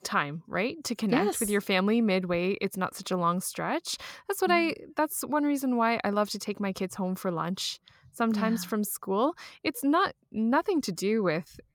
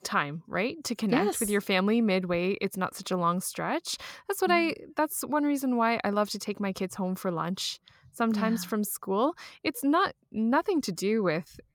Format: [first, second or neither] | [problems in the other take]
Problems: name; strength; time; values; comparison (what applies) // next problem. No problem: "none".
neither | none